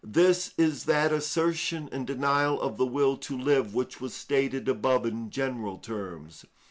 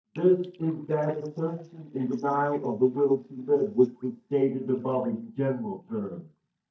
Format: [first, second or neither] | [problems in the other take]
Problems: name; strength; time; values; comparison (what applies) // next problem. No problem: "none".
first | noise reduction (neural mask model DeepFilterNet 3)